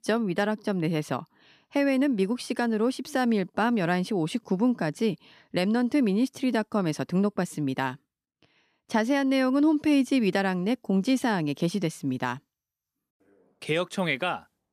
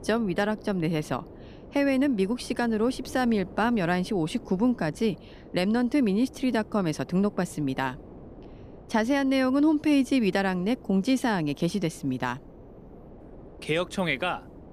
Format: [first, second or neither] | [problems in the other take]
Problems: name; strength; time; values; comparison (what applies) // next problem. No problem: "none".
first | wind noise on the microphone; occasional gusts; 20 dB below the speech